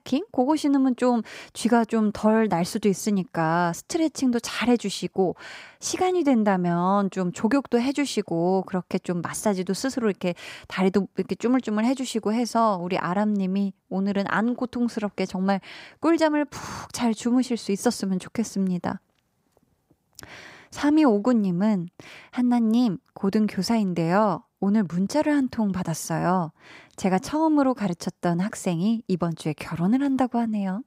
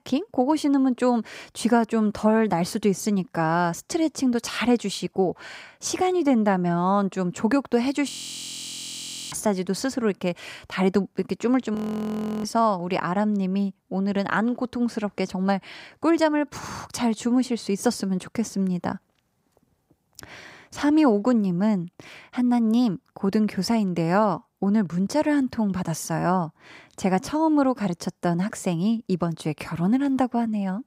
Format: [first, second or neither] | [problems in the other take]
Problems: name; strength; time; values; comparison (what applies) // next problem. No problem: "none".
first | audio freezing; at 8 s for 1 s and at 12 s for 0.5 s